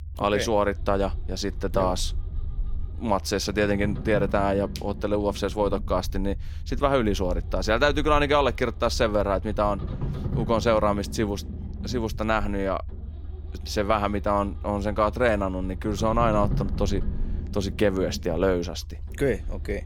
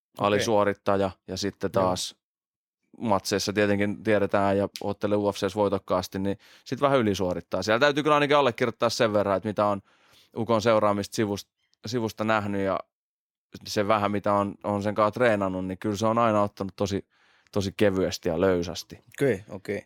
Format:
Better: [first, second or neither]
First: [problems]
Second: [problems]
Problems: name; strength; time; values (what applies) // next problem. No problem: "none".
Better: second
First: low rumble; faint; throughout; 20 dB below the speech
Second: none